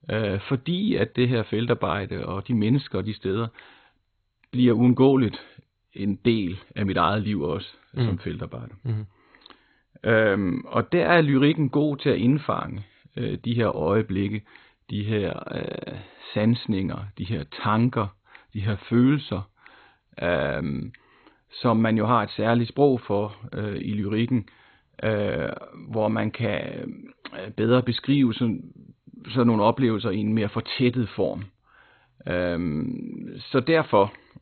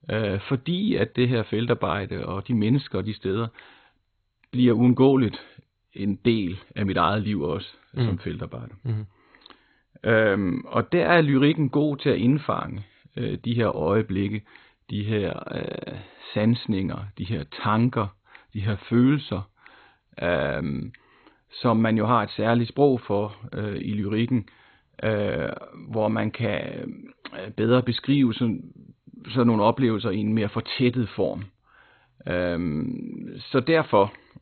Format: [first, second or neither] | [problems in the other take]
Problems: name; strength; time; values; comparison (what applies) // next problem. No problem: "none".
neither | garbled, watery; badly; nothing above 4 kHz; the same in both